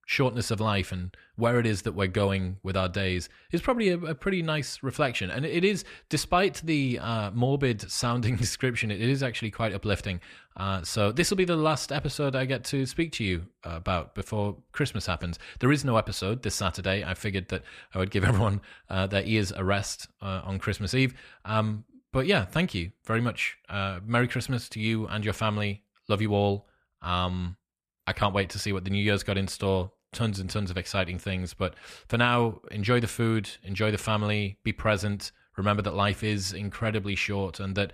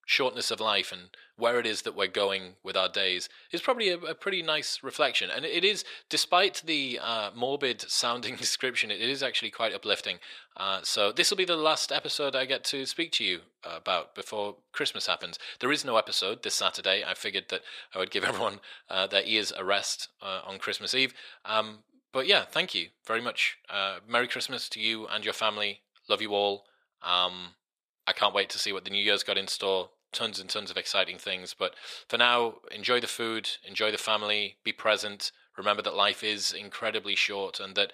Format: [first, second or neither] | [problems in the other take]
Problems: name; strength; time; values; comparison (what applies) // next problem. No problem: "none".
first | thin; very; fading below 500 Hz